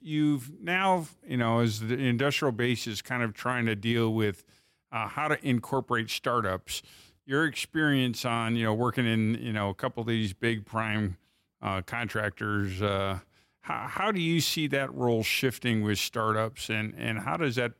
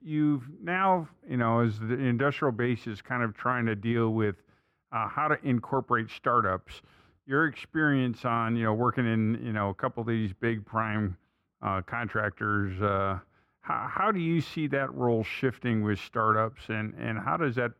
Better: first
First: none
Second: muffled; very; fading above 3.5 kHz

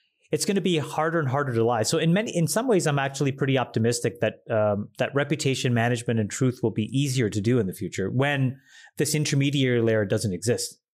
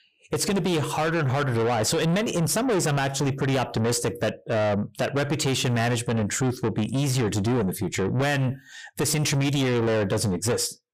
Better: first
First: none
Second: distortion; heavy; 8 dB below the speech

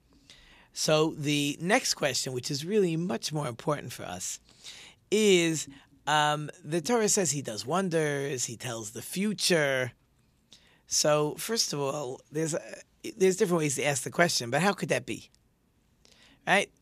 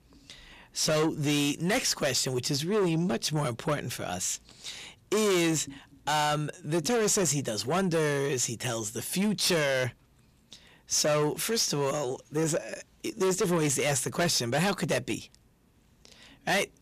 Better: first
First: none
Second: distortion; heavy; 7 dB below the speech

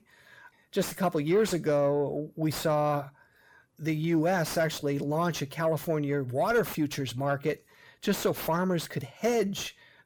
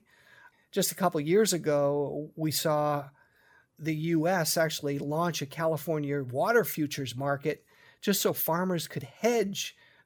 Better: second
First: distortion; slight; 10 dB below the speech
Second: none

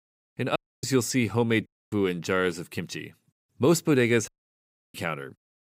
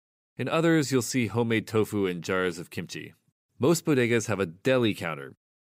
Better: second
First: audio cutting out; at 0.5 s, at 1.5 s and at 4.5 s for 0.5 s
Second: none

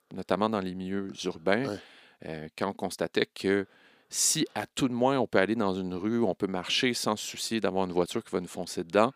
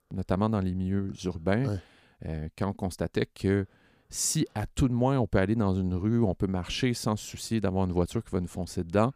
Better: second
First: thin; very slightly; fading below 300 Hz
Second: none

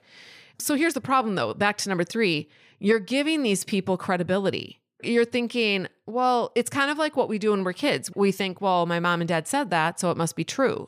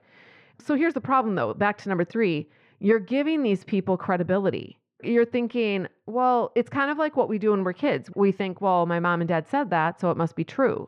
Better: first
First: none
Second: muffled; very; fading above 1.5 kHz

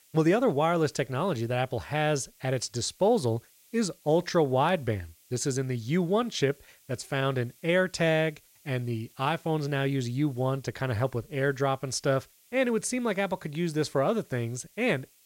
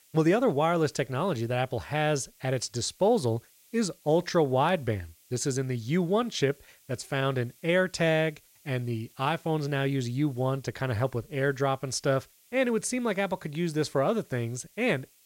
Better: neither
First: hiss; faint; throughout; 30 dB below the speech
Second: hiss; faint; throughout; 30 dB below the speech

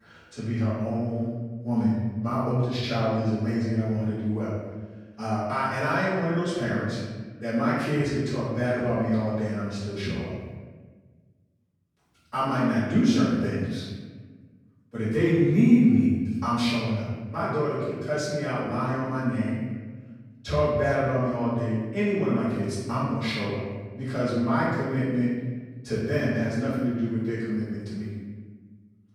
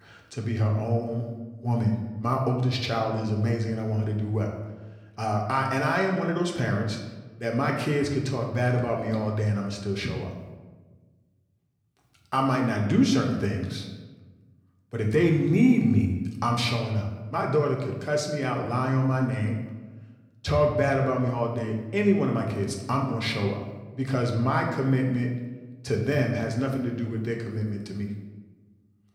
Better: second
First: room echo; strong; dies away in 1.3 s // off-mic speech; far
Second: room echo; slight; dies away in 0.9 s // off-mic speech; somewhat distant

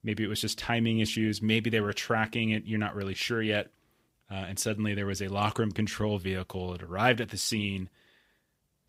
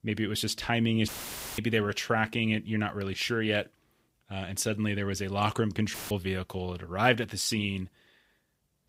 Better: first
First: none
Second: audio cutting out; filled with static; at 1 s for 0.5 s and at 6 s

